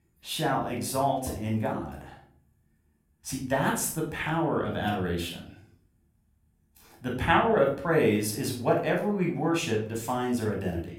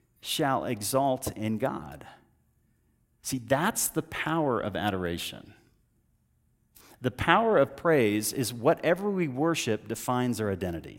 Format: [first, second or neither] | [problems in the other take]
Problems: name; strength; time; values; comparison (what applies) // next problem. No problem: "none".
second | off-mic speech; somewhat distant // room echo; noticeable; dies away in 0.4 s